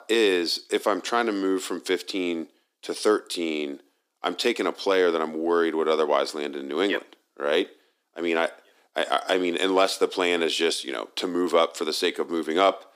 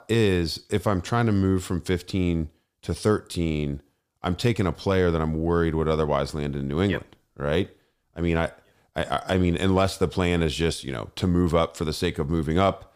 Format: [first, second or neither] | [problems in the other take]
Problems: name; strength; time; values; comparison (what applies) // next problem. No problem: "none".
second | thin; somewhat; fading below 300 Hz